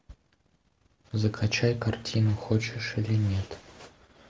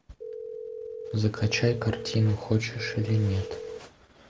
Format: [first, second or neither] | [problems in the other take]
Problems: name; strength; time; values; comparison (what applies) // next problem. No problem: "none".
first | background sound (Telephone); 9 dB below the speech